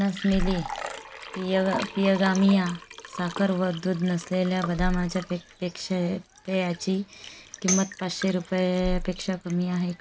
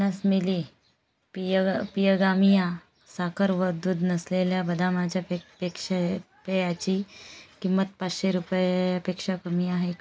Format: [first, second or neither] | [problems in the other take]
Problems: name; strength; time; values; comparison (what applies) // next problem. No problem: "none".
second | background sound (Tambourine + Liquid); 9 dB below the speech